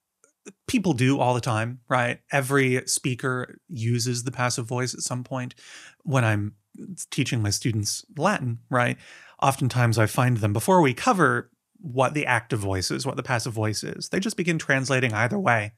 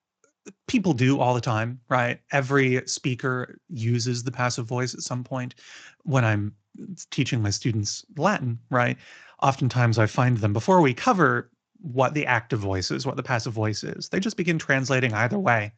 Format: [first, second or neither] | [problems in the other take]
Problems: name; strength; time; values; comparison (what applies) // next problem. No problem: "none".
first | garbled, watery; slightly